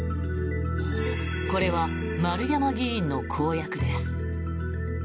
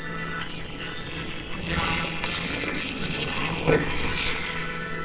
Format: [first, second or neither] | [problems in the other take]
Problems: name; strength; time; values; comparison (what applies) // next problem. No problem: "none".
first | noise reduction (neural separator model SepFormer WHAMR!)